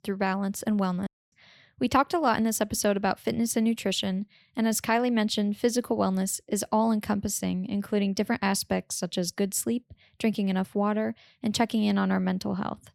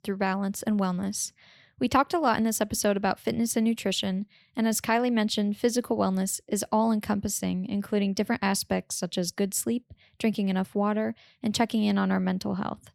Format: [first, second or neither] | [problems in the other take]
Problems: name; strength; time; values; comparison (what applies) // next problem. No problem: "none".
second | audio cutting out; at 1 s